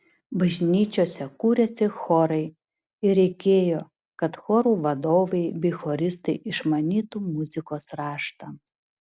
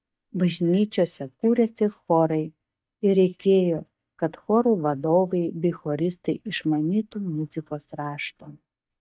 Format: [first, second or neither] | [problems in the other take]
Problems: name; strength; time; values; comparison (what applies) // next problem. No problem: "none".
first | noise reduction (neural mask model DeepFilterNet 3)